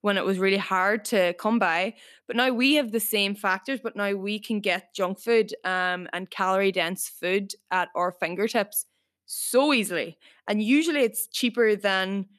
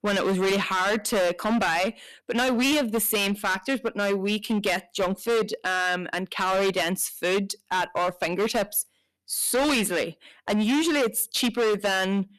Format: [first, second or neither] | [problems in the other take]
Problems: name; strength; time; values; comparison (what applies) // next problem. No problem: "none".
first | distortion; heavy; 19% of the sound clipped